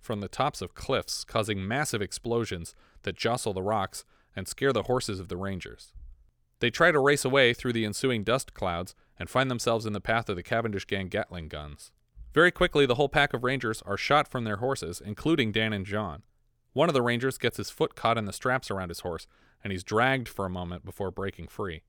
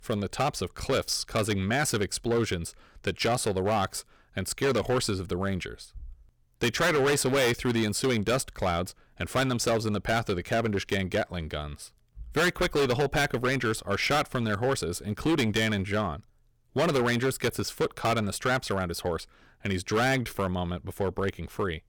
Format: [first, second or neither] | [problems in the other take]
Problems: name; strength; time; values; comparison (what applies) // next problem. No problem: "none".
first | distortion; heavy; 10% of the sound clipped